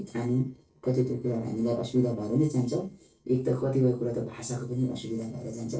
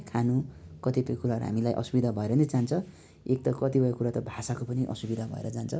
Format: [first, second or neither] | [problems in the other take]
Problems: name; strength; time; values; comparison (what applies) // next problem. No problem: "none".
second | noise reduction (neural separator model SepFormer DNS4)